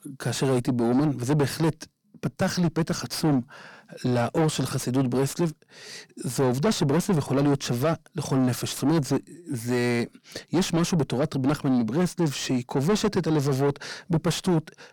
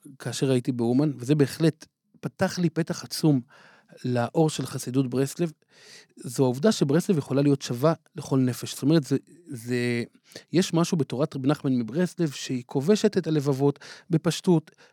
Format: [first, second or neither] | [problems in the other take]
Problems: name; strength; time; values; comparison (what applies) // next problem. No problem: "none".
second | distortion; heavy; 7 dB below the speech